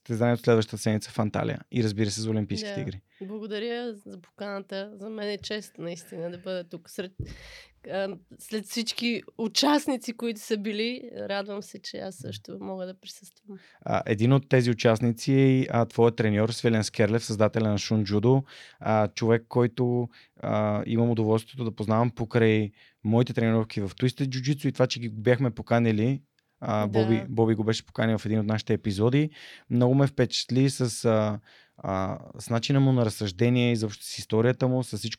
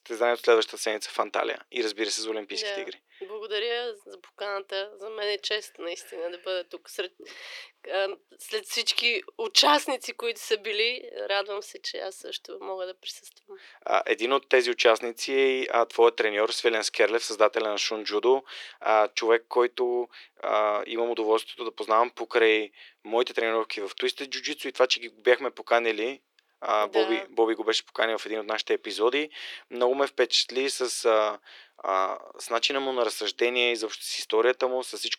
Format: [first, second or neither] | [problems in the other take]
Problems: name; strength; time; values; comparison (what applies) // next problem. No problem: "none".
first | thin; very; fading below 350 Hz